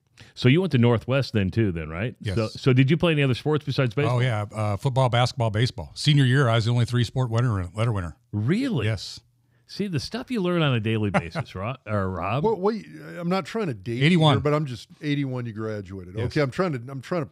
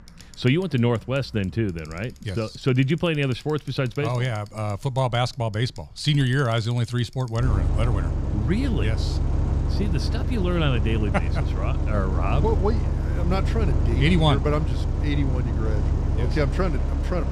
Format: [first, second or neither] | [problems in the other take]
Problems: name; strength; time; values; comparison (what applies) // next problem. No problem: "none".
first | traffic noise; very loud; throughout; as loud as the speech